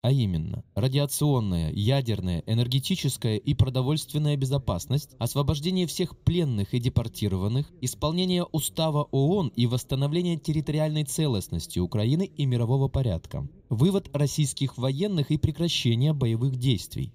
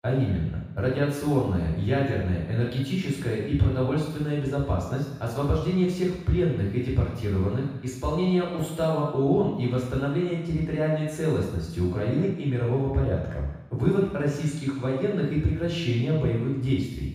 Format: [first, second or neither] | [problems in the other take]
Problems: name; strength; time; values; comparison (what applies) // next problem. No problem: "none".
first | room echo; strong; dies away in 1.1 s; slight in the first // off-mic speech; far